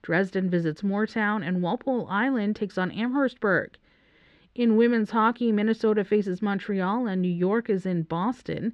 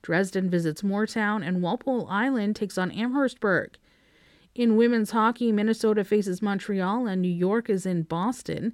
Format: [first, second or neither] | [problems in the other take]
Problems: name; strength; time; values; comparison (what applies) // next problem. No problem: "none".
second | muffled; slightly; fading above 3 kHz